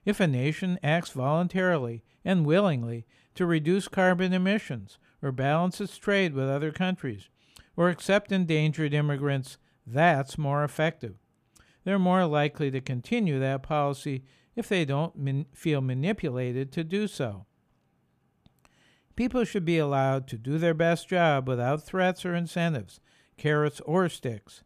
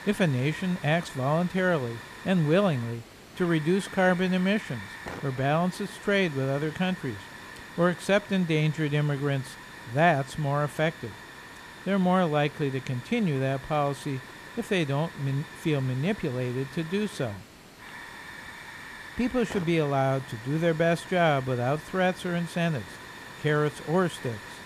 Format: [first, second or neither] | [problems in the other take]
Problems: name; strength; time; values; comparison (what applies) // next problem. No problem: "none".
first | hiss; noticeable; throughout; 15 dB below the speech